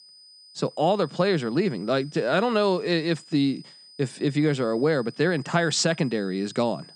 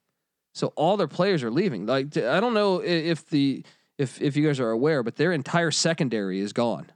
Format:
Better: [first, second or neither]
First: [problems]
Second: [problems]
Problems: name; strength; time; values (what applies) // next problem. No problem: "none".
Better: second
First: high-pitched whine; faint; throughout; 5 kHz, 25 dB below the speech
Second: none